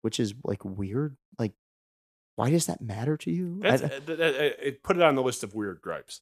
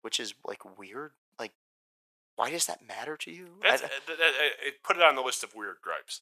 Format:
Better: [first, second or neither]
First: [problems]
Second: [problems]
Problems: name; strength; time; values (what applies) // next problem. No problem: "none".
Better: first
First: none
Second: thin; very; fading below 850 Hz